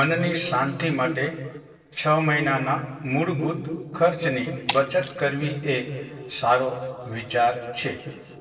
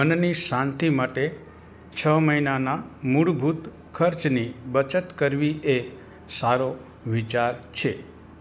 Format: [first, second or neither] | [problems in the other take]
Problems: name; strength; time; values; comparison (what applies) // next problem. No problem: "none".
second | noise reduction (neural separator model SepFormer DNS4)